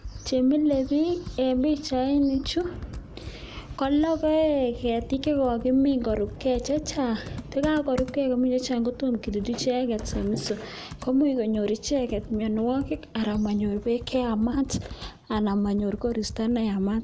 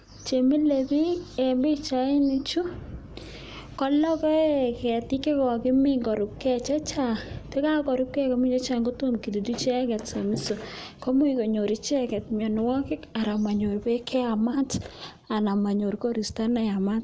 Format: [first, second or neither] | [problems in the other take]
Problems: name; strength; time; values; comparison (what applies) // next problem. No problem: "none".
second | background sound (Computer keyboard); 15 dB below the speech